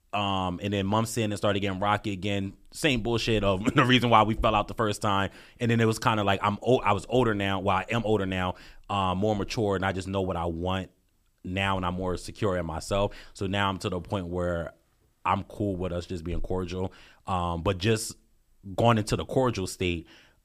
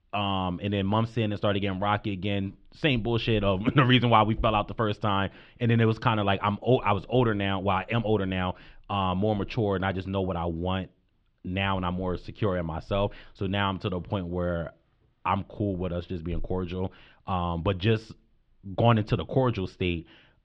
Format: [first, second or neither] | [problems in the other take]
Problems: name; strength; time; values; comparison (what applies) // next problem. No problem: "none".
first | muffled; slightly; fading above 3.5 kHz